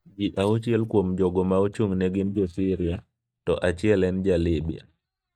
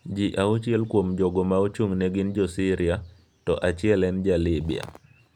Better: second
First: noise reduction (neural mask model DeepFilterNet 3)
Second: none

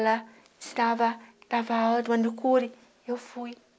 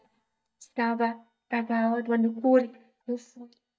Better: first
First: none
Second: noise reduction (neural mask model DeepFilterNet 3)

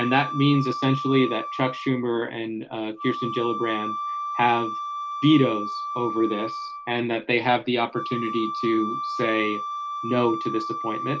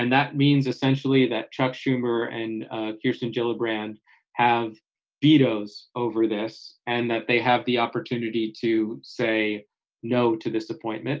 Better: second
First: background sound (Wind instrument, woodwind instrument); 7 dB below the speech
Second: none

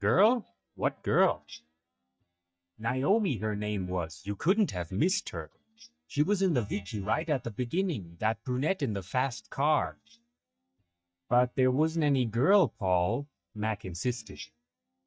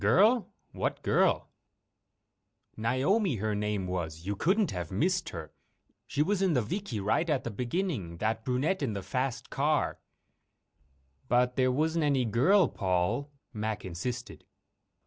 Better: second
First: noise reduction (neural mask model DeepFilterNet 3)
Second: none

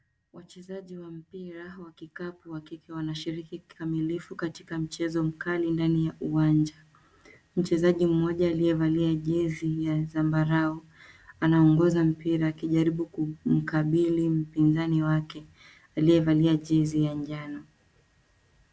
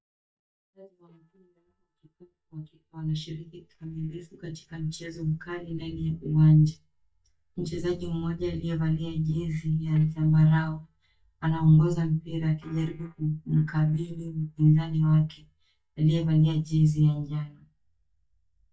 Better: first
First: none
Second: noise reduction (neural mask model DeepFilterNet 3)

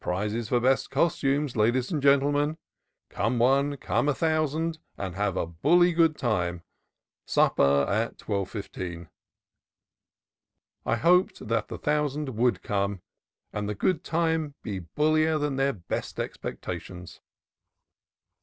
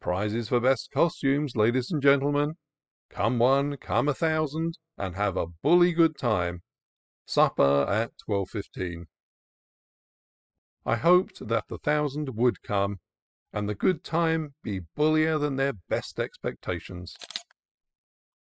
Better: first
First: none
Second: noise reduction (classical method spectral subtraction)

